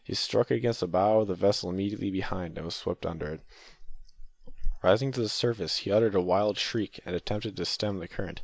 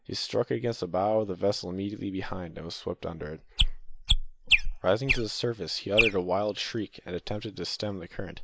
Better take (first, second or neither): first